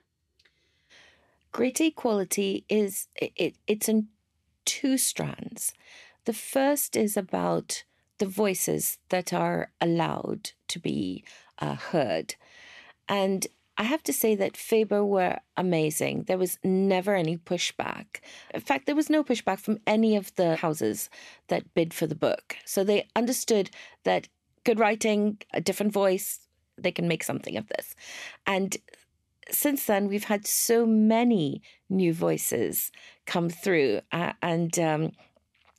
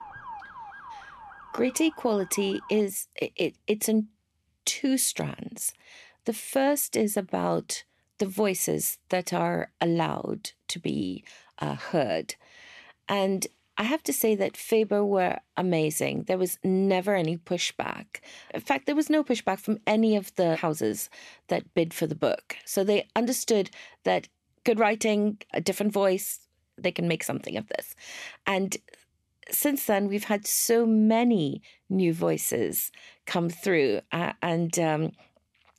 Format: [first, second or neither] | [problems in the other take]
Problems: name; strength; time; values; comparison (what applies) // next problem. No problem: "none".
first | siren; faint; until 3 s; peak 15 dB below the speech